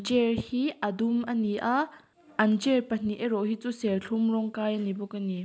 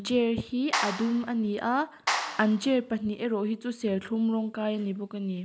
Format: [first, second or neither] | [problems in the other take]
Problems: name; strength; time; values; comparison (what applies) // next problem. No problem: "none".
first | background sound (Clapping); 6 dB below the speech